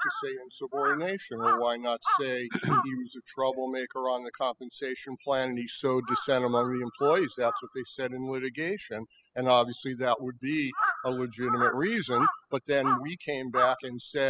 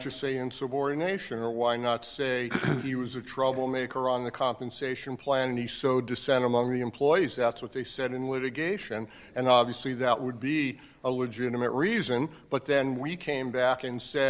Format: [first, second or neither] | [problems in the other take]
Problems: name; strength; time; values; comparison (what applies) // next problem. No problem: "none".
second | noise reduction (classical method spectral subtraction)